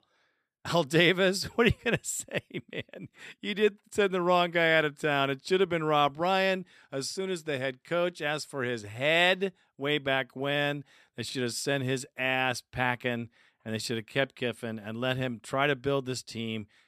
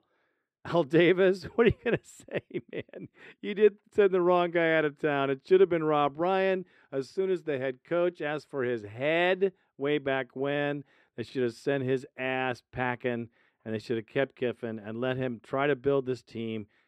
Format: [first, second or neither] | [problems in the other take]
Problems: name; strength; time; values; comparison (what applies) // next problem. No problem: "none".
first | muffled; slightly; fading above 4 kHz